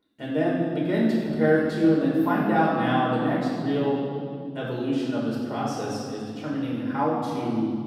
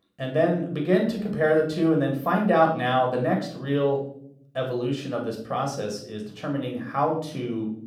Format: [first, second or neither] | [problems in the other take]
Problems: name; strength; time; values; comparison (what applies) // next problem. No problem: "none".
second | room echo; strong; dies away in 2.6 s; slight in the second // off-mic speech; far; somewhat distant in the second